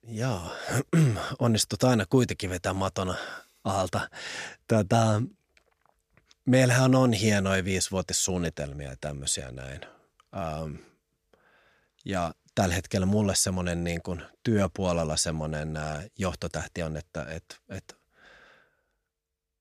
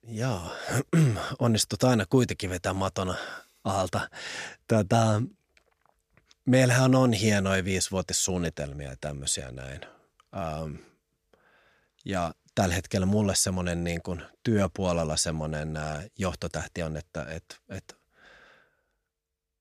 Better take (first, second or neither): neither